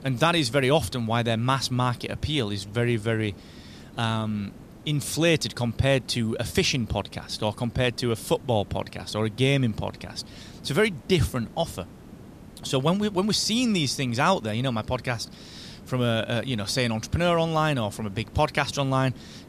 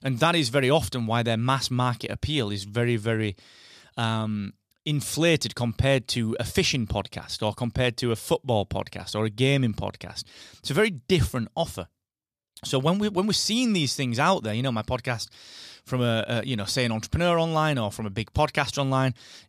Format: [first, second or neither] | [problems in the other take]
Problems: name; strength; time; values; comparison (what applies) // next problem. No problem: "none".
second | hiss; faint; throughout; 20 dB below the speech